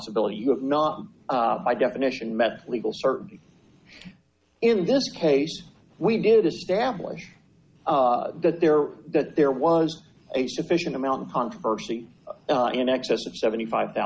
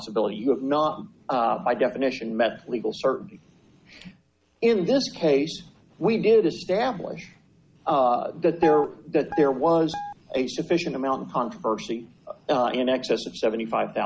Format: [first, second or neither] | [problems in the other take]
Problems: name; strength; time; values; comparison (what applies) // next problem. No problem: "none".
first | background sound (Guitar); 8 dB below the speech